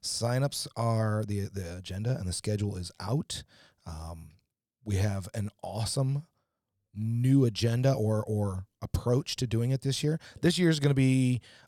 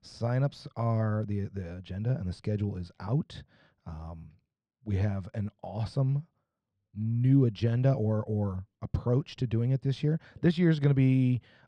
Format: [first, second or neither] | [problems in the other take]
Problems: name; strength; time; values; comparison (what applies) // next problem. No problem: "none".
first | muffled; slightly; fading above 2.5 kHz